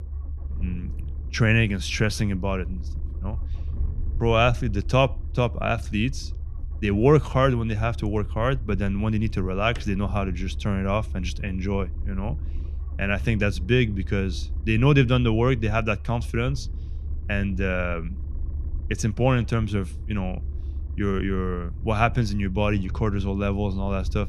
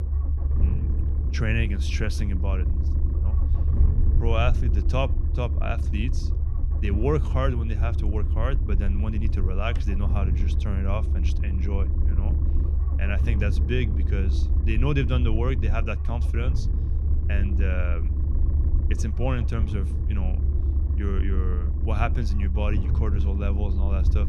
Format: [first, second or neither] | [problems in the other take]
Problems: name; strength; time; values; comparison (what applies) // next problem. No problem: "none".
first | low rumble; loud; throughout; 8 dB below the speech; faint in the first